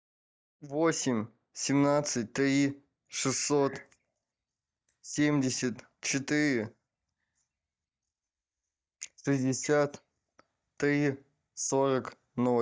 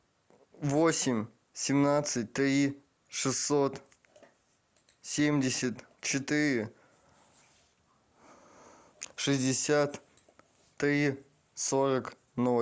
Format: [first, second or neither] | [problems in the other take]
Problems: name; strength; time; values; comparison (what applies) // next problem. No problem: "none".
second | noise reduction (neural mask model DeepFilterNet 3)